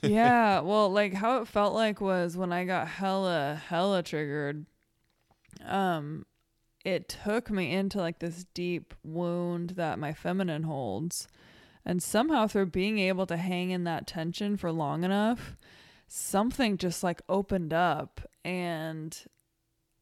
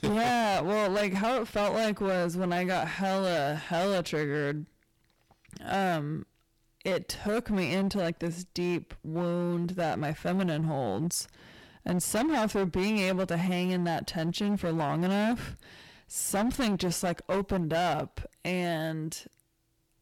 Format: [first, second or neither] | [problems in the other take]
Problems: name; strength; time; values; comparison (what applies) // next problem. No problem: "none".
first | distortion; heavy; 16% of the sound clipped